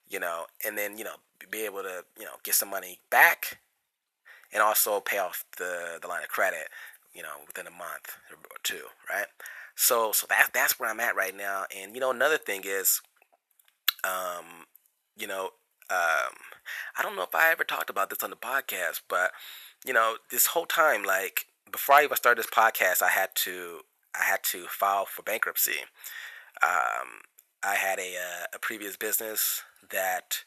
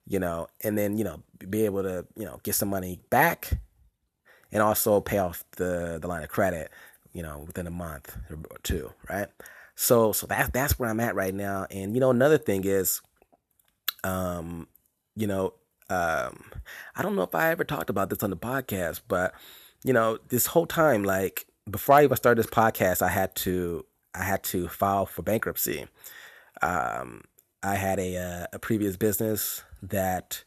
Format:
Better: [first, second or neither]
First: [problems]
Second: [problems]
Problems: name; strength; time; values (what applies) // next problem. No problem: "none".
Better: second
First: thin; very; fading below 850 Hz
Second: none